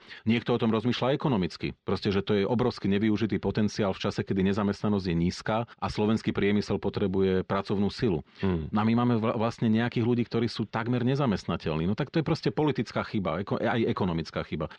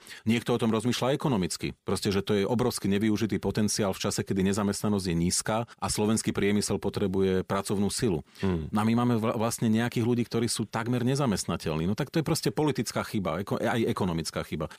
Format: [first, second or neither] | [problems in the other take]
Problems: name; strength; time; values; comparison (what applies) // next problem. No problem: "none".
second | muffled; slightly; fading above 4.5 kHz